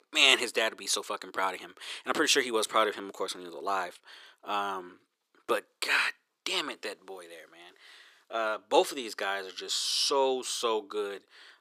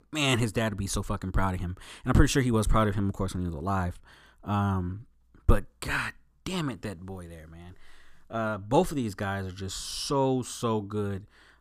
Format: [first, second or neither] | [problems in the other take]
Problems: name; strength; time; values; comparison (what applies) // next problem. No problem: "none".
second | thin; very; fading below 400 Hz